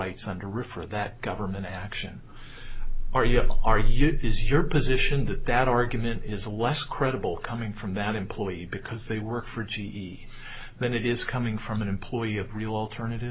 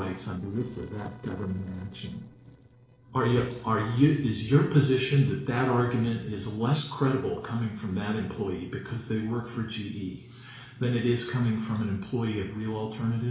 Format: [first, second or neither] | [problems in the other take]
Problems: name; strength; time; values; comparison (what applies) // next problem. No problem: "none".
first | noise reduction (neural separator model SepFormer DNS4)